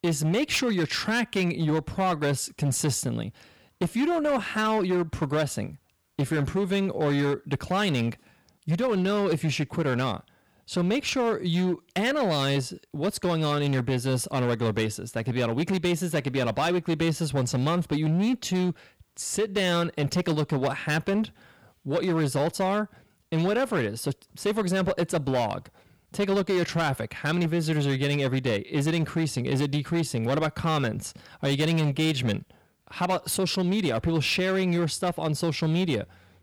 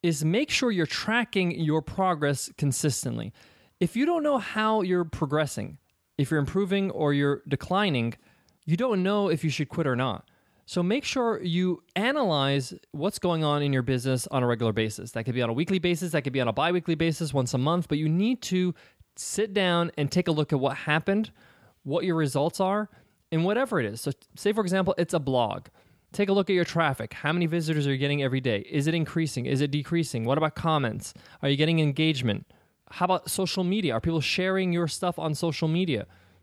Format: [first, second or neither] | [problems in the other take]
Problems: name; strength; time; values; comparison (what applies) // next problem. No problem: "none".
second | distortion; slight; 13% of the sound clipped